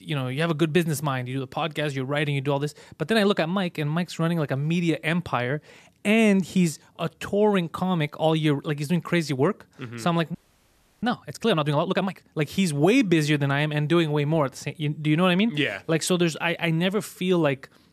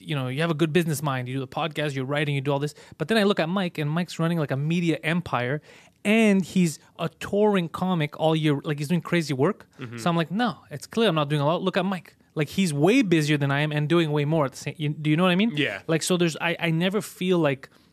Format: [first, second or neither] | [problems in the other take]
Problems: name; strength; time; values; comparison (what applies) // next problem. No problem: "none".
second | audio freezing; at 10 s for 0.5 s